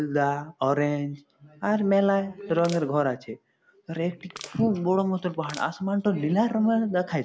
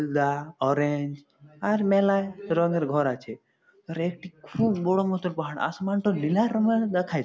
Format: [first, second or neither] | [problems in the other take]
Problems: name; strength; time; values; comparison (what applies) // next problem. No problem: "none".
second | background sound (Crushing); 18 dB below the speech